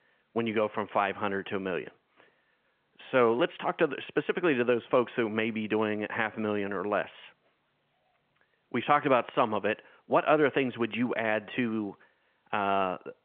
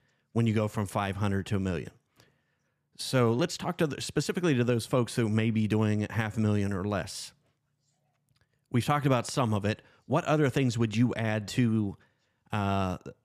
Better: second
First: phone-call audio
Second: none

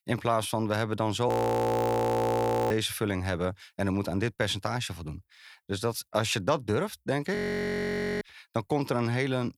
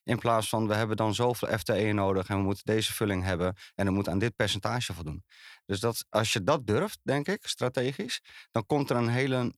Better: second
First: audio freezing; at 1.5 s for 1.5 s and at 7.5 s for 1 s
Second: none

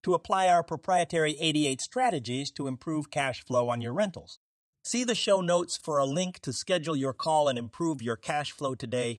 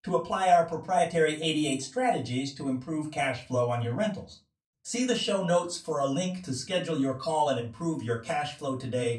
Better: first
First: none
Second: off-mic speech; far // room echo; very slight; dies away in 0.3 s

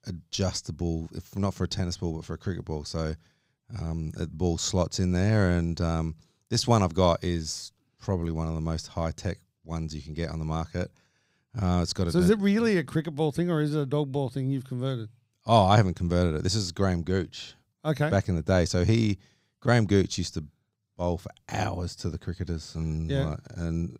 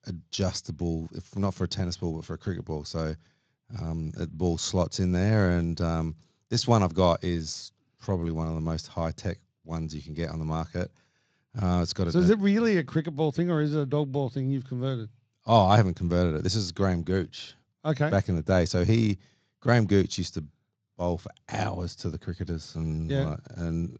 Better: first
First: none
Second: garbled, watery; slightly; nothing above 7.5 kHz

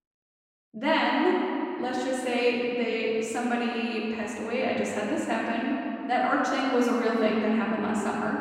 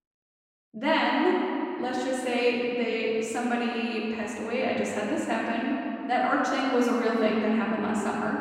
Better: neither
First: room echo; noticeable; dies away in 2.6 s // off-mic speech; far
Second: room echo; noticeable; dies away in 2.6 s // off-mic speech; far

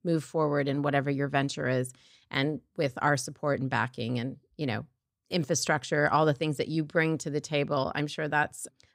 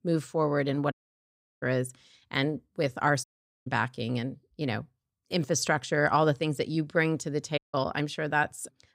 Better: first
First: none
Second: audio cutting out; at 1 s for 0.5 s, at 3 s and at 7.5 s

